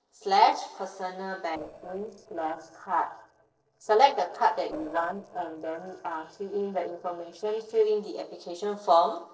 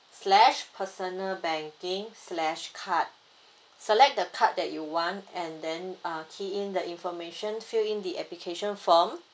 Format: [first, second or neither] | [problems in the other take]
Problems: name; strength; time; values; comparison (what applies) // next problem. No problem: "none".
second | noise reduction (neural separator model SepFormer DNS4)